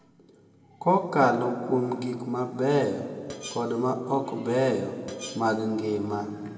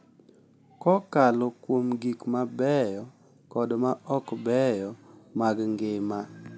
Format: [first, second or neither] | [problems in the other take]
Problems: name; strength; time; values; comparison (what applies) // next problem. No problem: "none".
second | background sound (Screech); 19 dB below the speech // room echo; dies away in 1.9 s